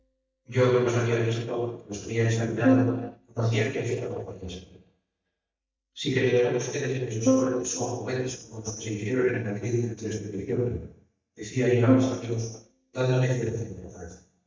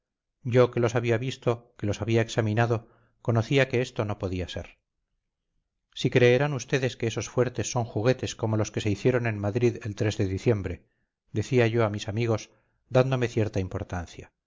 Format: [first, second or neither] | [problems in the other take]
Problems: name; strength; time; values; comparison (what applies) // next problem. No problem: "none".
second | noise reduction (neural mask model DeepFilterNet 3)